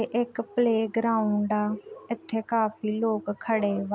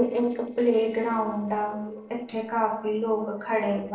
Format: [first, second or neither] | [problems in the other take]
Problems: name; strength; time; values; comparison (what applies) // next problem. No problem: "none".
first | noise reduction (neural separator model SepFormer DNS4)